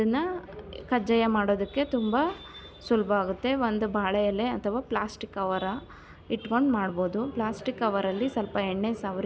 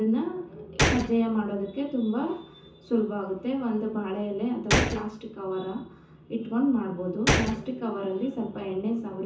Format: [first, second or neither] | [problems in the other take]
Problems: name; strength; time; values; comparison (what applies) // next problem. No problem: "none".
first | background sound (Gunshot, gunfire); 2 dB below the speech // room echo; dies away in 0.6 s